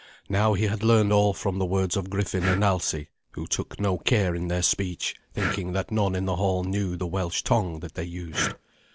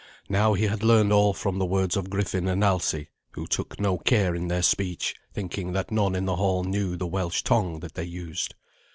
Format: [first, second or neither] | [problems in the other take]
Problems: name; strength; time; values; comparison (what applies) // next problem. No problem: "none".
second | background sound (Breathing); 14 dB below the speech